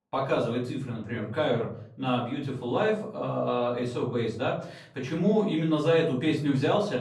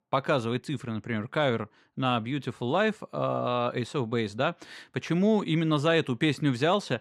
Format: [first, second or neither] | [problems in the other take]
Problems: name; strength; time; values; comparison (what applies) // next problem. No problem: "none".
second | off-mic speech; far // room echo; slight; dies away in 0.5 s